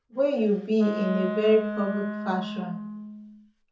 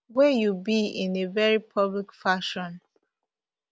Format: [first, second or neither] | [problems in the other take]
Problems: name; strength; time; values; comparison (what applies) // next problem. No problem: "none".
second | background sound (Wind instrument, woodwind instrument); 6 dB below the speech // room echo; dies away in 0.6 s